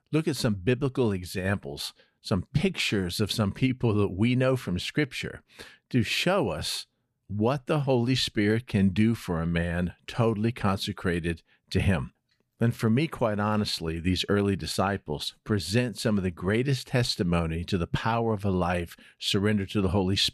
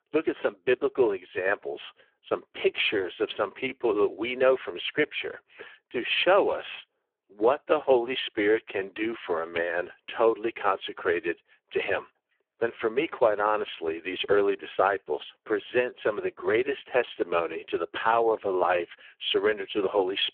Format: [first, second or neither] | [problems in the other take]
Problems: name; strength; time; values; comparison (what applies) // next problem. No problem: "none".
first | phone-call audio; poor line; nothing above 3.5 kHz